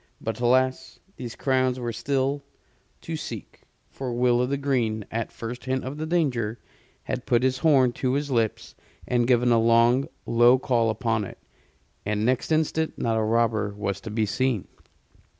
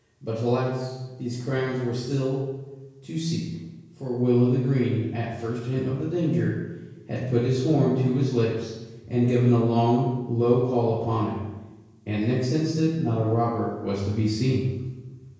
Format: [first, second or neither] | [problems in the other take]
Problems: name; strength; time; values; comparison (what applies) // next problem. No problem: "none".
first | room echo; dies away in 1 s